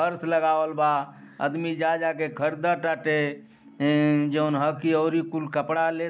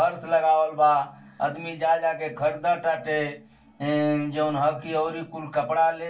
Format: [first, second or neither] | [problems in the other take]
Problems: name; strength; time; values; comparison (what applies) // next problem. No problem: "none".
first | room echo; dies away in 0.2 s